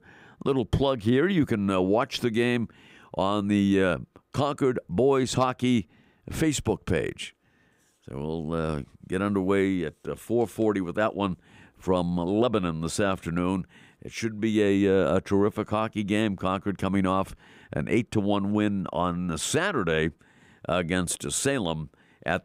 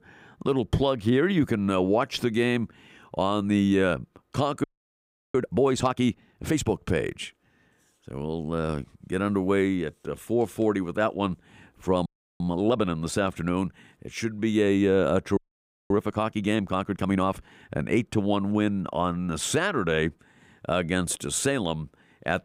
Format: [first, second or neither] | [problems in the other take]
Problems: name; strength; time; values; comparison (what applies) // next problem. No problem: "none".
first | audio freezing; at 4.5 s for 0.5 s, at 12 s and at 15 s for 0.5 s